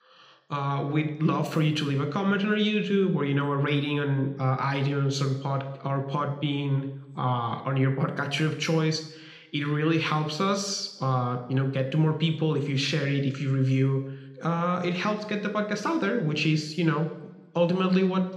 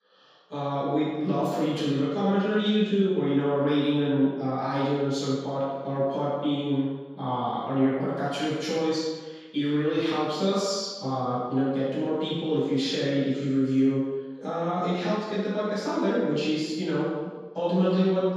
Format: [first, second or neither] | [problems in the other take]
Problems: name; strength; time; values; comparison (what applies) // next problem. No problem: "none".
first | room echo; strong; dies away in 1.2 s; slight in the first // off-mic speech; far